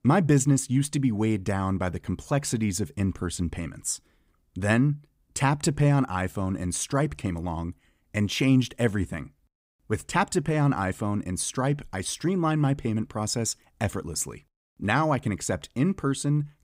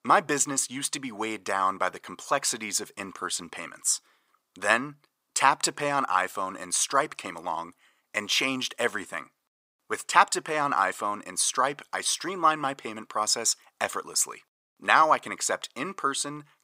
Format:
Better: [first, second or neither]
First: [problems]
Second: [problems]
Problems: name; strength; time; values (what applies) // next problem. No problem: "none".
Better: first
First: none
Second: thin; very; fading below 600 Hz